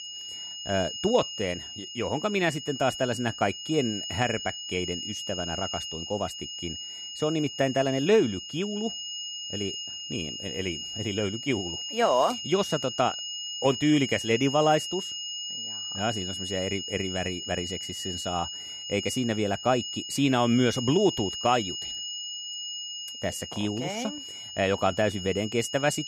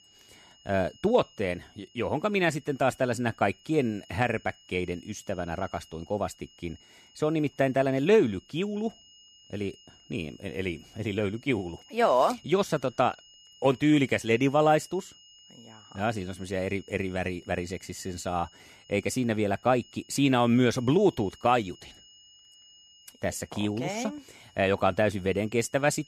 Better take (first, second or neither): second